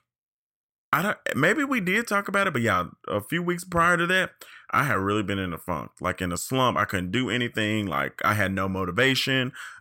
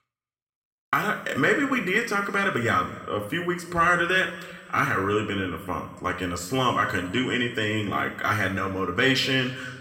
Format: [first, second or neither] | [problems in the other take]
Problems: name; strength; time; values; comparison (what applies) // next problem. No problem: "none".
first | room echo; slight; dies away in 1.7 s // off-mic speech; somewhat distant